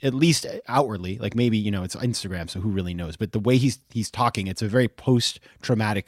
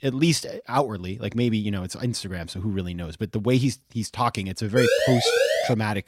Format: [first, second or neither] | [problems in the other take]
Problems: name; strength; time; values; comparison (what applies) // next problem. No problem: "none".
first | siren; loud; at 5 s; peak 5 dB above the speech